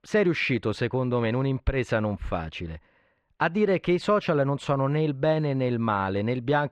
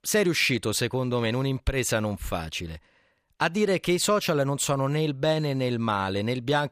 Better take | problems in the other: second | muffled; very; fading above 2 kHz

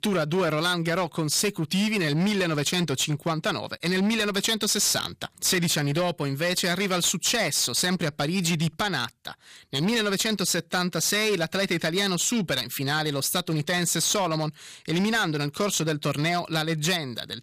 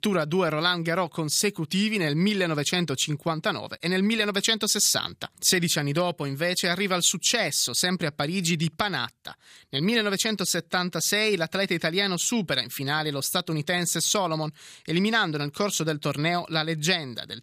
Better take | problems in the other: second | distortion; slight; 13% of the sound clipped

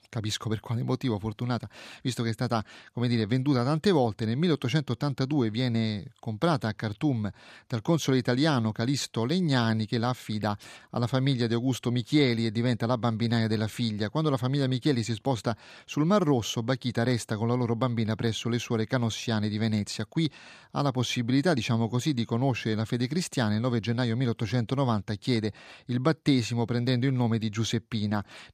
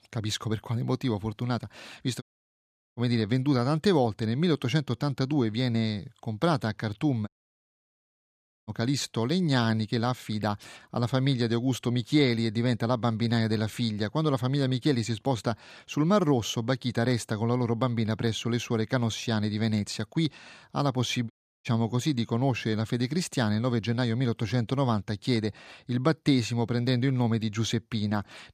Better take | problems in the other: first | audio cutting out; at 2 s for 0.5 s, at 7.5 s for 1.5 s and at 21 s

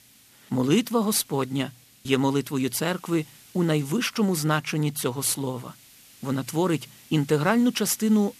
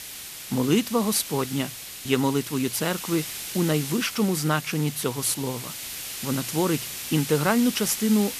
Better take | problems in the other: first | hiss; loud; throughout; 8 dB below the speech; faint in the first

